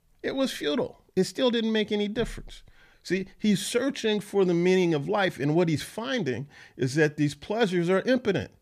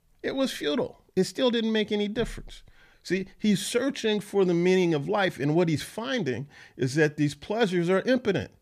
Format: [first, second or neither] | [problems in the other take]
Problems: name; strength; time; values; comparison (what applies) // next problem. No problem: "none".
neither | none